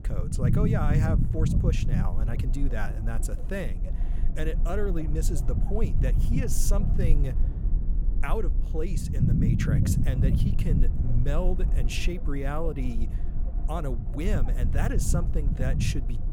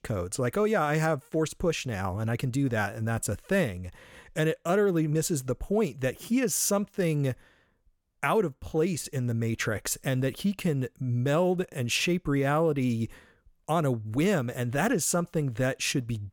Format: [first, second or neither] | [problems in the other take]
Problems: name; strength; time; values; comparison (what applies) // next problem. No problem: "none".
second | low rumble; loud; throughout; 4 dB below the speech